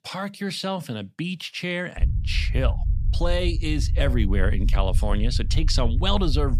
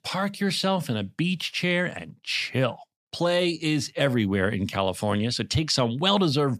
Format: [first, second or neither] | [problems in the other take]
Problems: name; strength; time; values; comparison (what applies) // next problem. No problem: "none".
second | low rumble; noticeable; from 2 s on; 15 dB below the speech